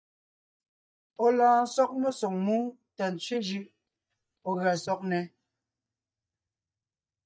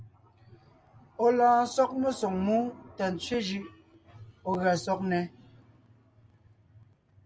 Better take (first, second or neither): second